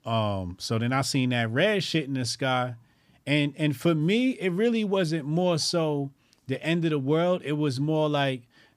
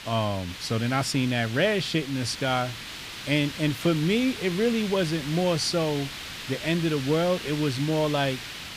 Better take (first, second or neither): first